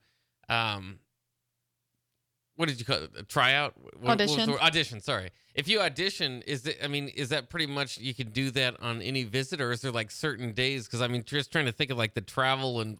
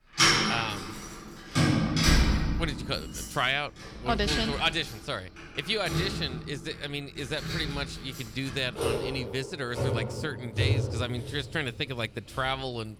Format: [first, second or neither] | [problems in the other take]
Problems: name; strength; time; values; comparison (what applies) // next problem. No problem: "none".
first | household noises; very loud; throughout; 2 dB above the speech